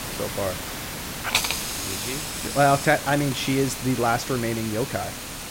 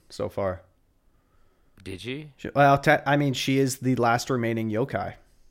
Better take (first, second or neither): second